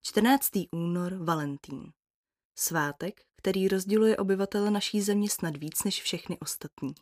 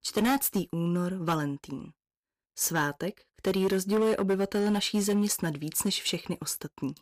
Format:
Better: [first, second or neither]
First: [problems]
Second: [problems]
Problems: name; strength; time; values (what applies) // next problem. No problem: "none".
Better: first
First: none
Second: distortion; slight; 7% of the sound clipped